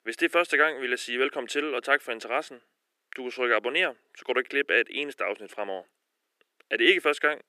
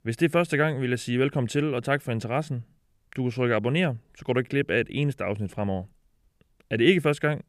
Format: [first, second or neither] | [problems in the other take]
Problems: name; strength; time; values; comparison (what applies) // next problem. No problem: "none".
second | thin; very; fading below 350 Hz